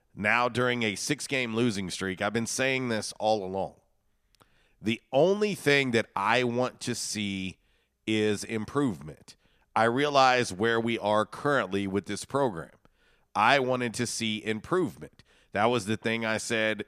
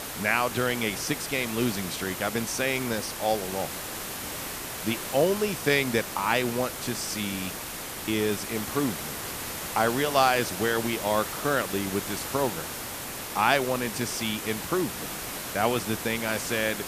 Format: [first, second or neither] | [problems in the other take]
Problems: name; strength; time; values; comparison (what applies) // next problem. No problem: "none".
first | hiss; loud; throughout; 6 dB below the speech